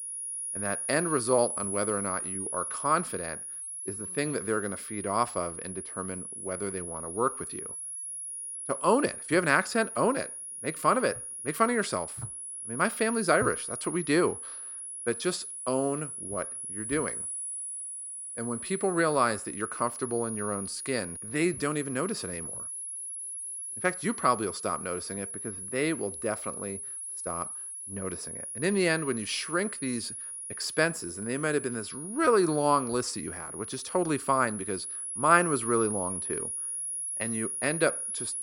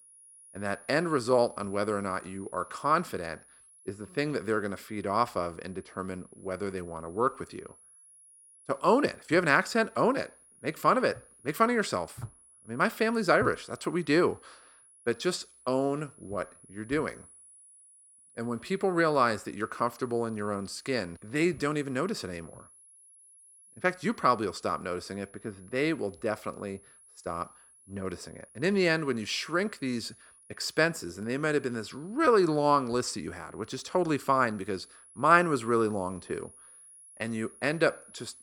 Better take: second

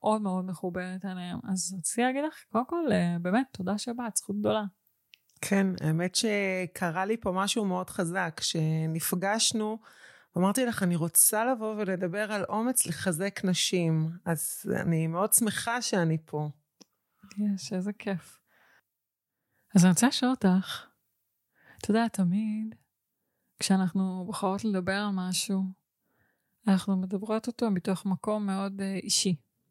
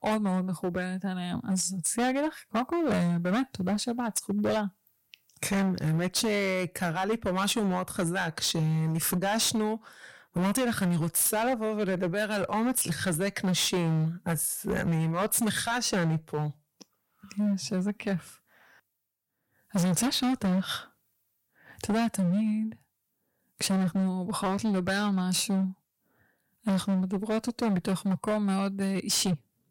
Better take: first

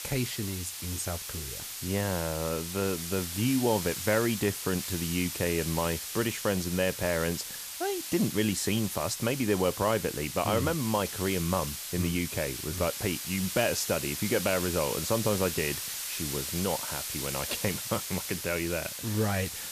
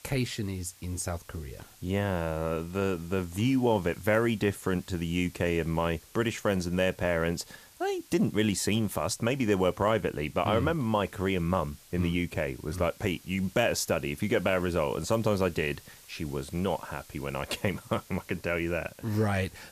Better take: second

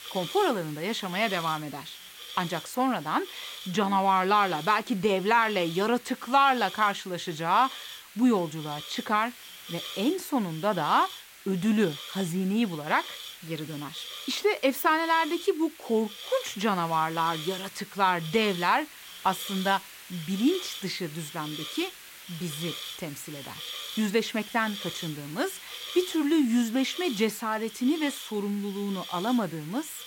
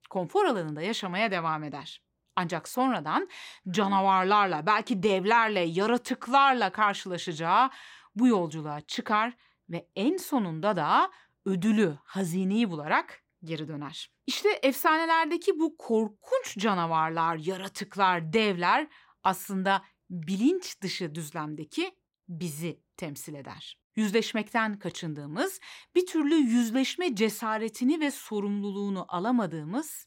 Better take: second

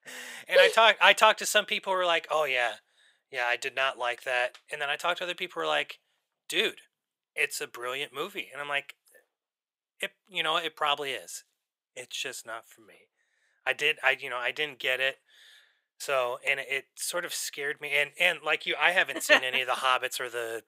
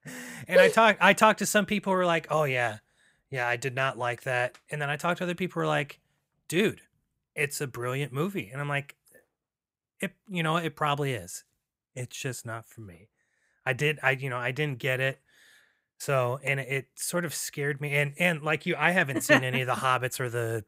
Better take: second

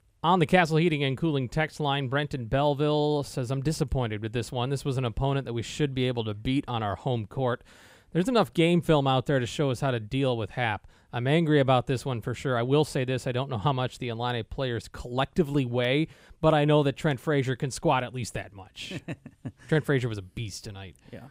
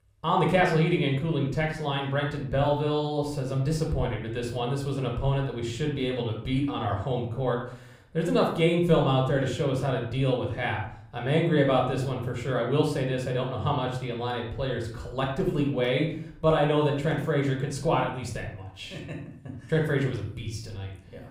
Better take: first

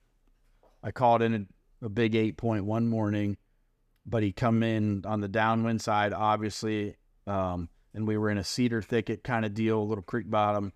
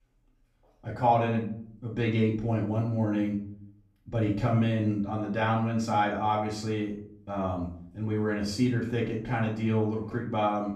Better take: first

